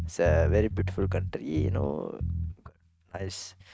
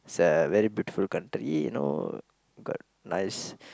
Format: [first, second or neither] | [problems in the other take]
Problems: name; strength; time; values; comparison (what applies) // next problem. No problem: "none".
second | noise reduction (neural mask model RNNoise)